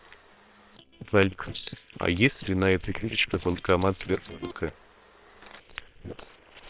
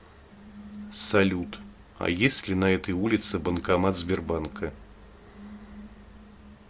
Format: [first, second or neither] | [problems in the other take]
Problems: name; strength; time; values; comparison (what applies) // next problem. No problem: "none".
second | noise reduction (neural separator model SepFormer WHAM!)